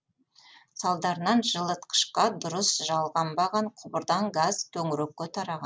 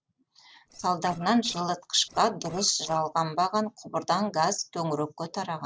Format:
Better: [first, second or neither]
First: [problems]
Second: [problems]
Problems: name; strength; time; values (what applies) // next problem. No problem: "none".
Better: first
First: none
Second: noise reduction (neural separator model SepFormer DNS4)